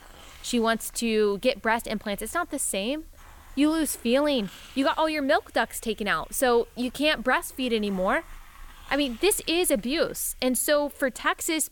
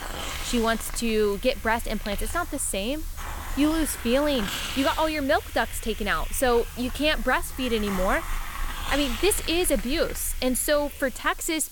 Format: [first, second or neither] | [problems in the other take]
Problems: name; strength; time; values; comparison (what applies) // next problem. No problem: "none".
first | hiss; loud; throughout; 9 dB below the speech; faint in the first